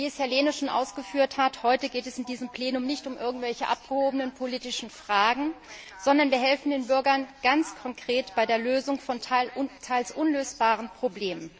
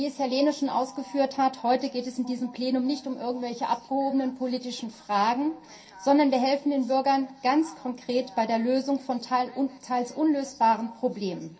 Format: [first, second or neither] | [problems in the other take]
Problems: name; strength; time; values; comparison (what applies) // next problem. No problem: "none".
first | room echo; dies away in 0.3 s